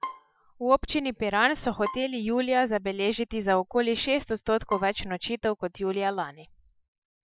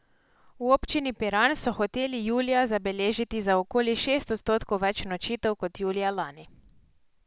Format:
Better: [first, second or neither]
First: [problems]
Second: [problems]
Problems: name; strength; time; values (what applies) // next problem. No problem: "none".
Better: second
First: noise reduction (classical method Wiener filter)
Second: none